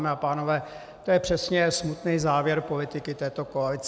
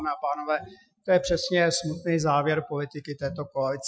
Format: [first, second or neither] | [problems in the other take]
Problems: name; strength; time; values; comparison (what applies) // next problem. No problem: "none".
first | noise reduction (classical method Wiener filter)